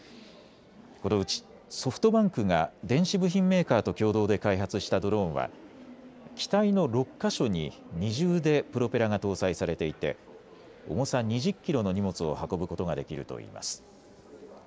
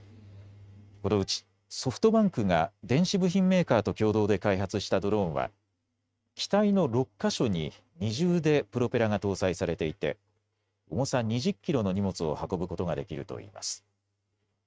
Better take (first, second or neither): first